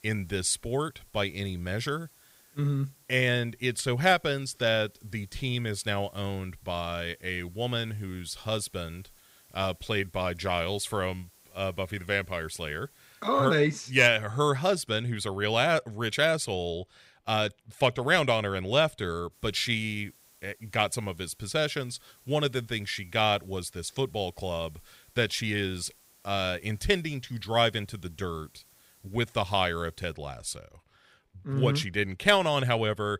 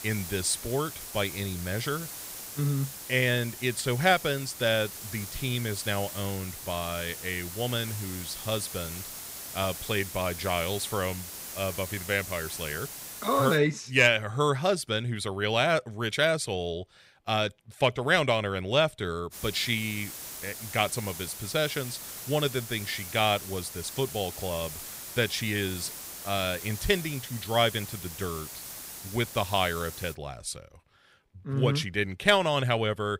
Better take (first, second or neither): first